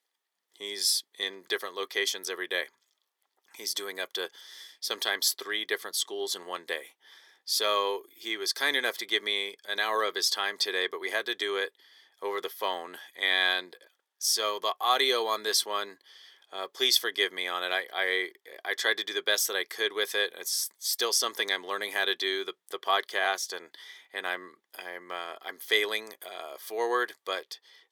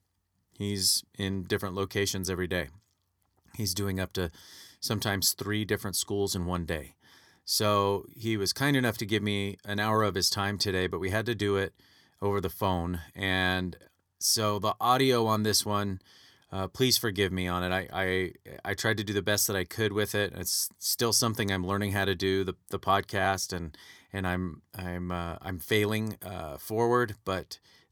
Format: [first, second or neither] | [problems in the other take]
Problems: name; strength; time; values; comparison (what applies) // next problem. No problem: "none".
second | thin; very; fading below 450 Hz